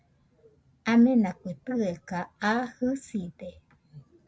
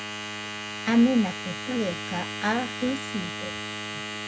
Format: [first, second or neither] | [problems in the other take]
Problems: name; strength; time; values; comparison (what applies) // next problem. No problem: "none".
first | background sound (Domestic sounds, home sounds); 6 dB below the speech